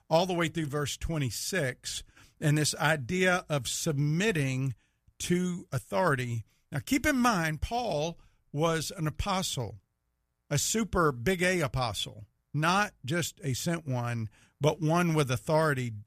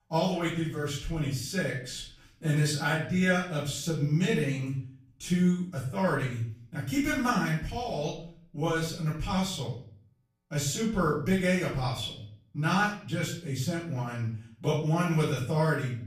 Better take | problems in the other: first | room echo; noticeable; dies away in 0.5 s // off-mic speech; far

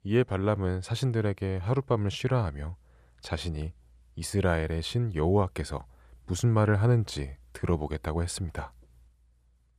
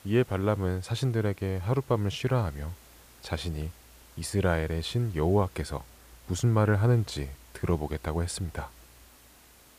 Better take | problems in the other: first | hiss; faint; throughout; 25 dB below the speech

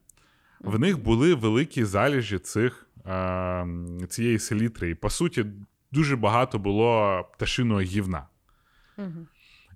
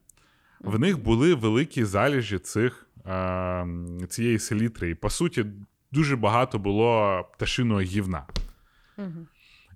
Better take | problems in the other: first | footsteps; faint; at 8.5 s; peak 10 dB below the speech

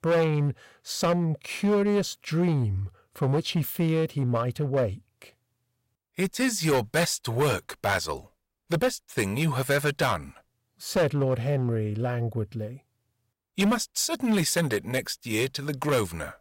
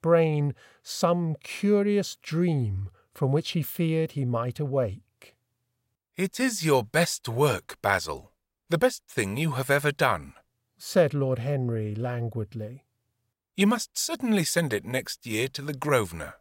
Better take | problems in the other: second | distortion; slight; 7% of the sound clipped

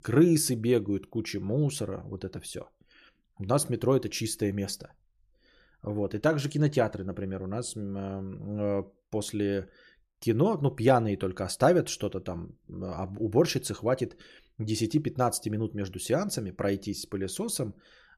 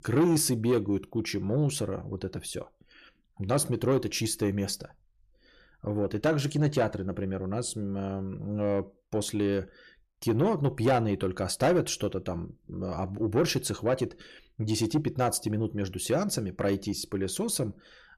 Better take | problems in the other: first | distortion; slight; 10 dB below the speech

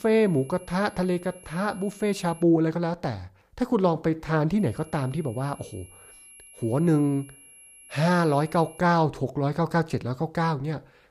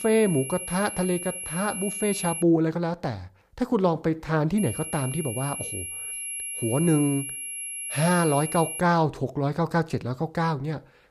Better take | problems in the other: first | high-pitched whine; loud; until 2.5 s and from 4.5 to 9 s; 11 kHz, 6 dB below the speech; faint in the first

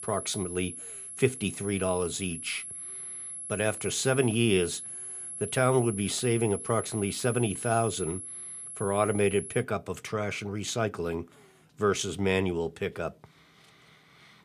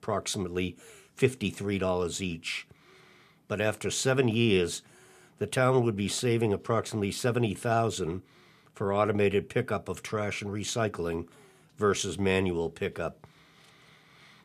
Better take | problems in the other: second | high-pitched whine; loud; until 9.5 s; 11 kHz, 8 dB below the speech

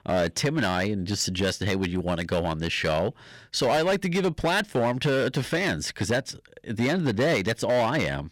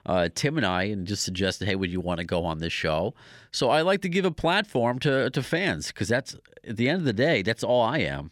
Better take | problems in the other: second | distortion; slight; 10% of the sound clipped

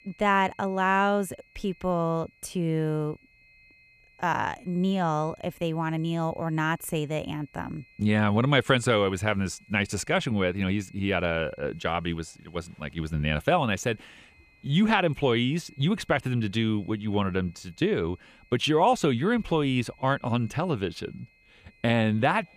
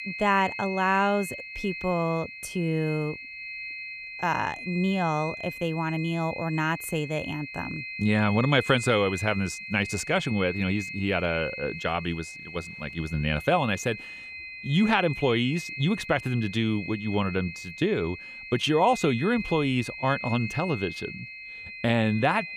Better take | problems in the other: first | high-pitched whine; loud; throughout; 2.5 kHz, 9 dB below the speech; faint in the first

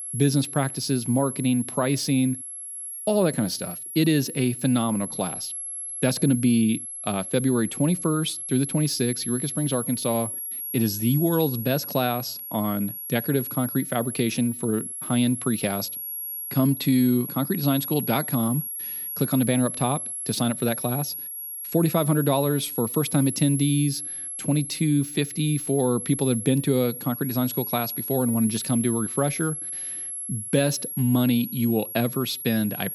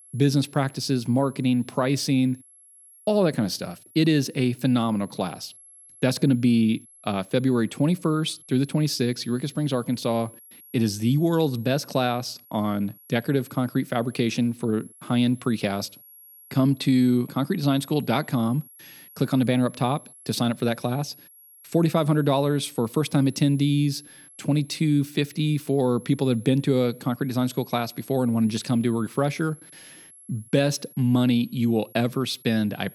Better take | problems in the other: second | high-pitched whine; loud; throughout; 11 kHz, 6 dB below the speech; faint in the second

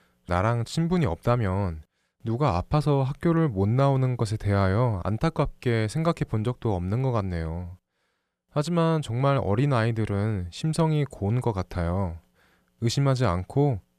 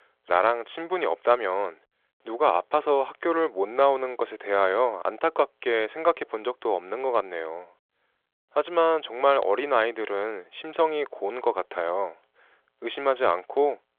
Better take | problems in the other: first | phone-call audio; nothing above 3.5 kHz

